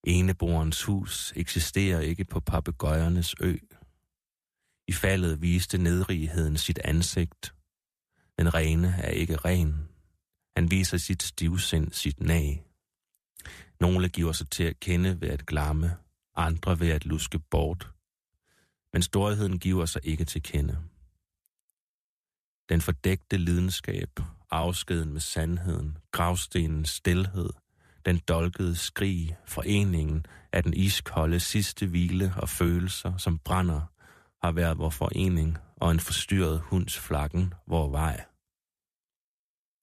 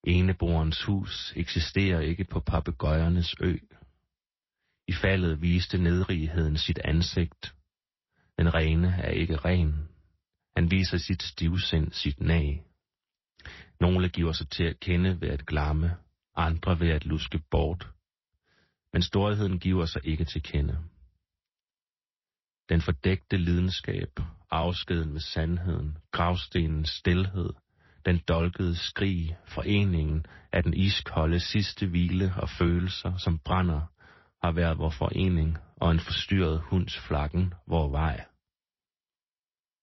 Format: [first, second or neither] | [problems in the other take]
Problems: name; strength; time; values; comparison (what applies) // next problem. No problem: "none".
first | garbled, watery; slightly; nothing above 5.5 kHz